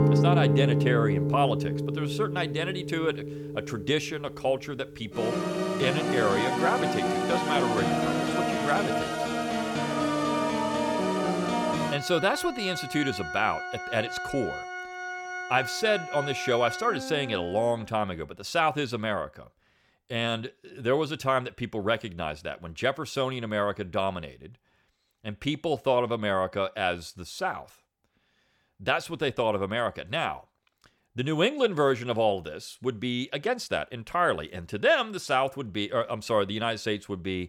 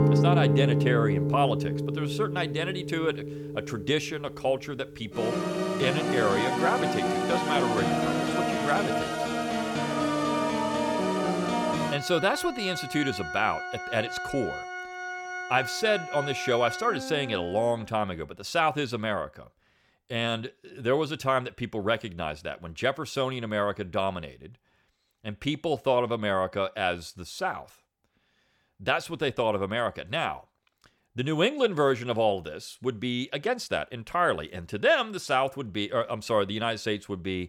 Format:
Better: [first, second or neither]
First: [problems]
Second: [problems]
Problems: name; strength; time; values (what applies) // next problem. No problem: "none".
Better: neither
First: background music; loud; until 18 s; as loud as the speech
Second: background music; loud; until 18 s; as loud as the speech